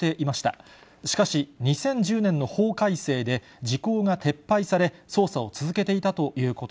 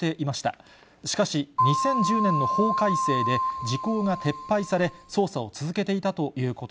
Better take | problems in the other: first | background sound (Keyboard (musical)); as loud as the speech

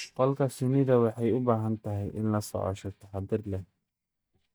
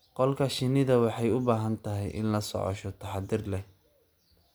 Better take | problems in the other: second | noise reduction (neural mask model DeepFilterNet 3)

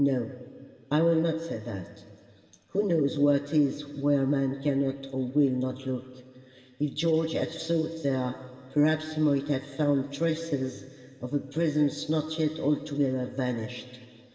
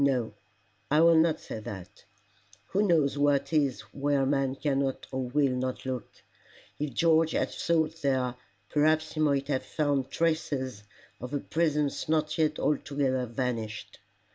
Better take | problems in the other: second | room echo; dies away in 2.2 s

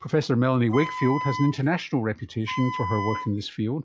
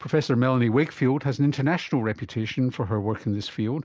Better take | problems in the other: second | noise reduction (classical method log-MMSE)

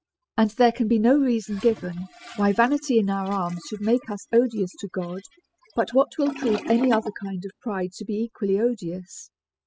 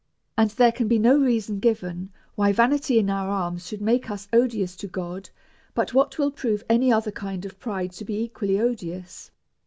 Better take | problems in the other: second | noise reduction (classical method spectral subtraction)

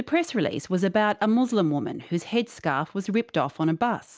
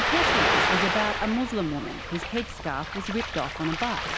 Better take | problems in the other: first | background sound (Ocean); 2 dB above the speech

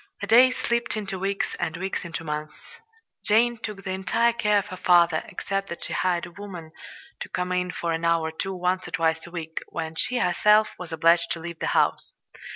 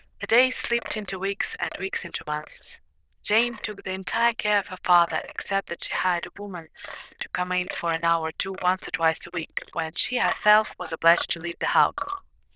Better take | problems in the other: first | noise reduction (neural diffusion model UNIVERSE++)

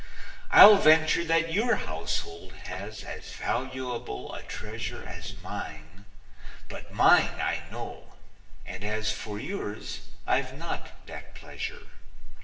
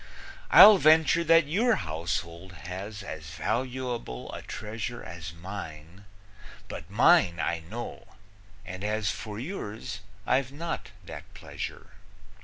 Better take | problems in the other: second | noise reduction (neural separator model SepFormer DNS4)

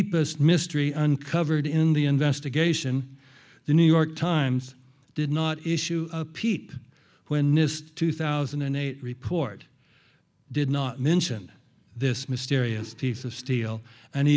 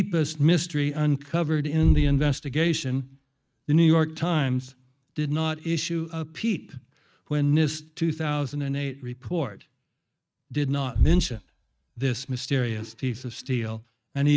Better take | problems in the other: first | noise reduction (neural mask model RNNoise)

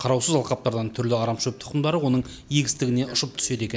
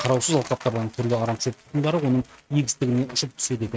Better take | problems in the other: first | noise reduction (neural mask model RNNoise)

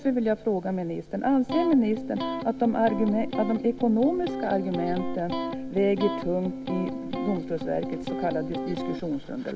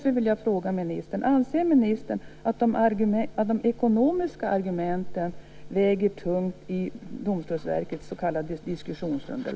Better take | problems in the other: second | background sound (Electric guitar); 6 dB below the speech

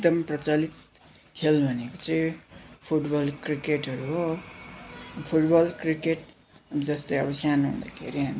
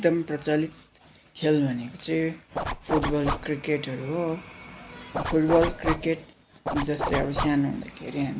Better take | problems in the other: first | background sound (Zipper (clothing)); 3 dB below the speech

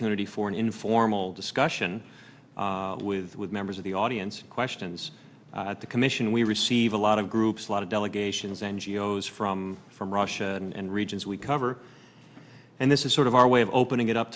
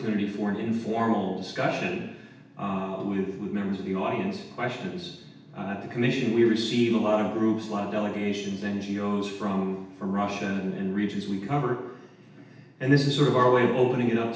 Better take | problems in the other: first | room echo; dies away in 0.9 s

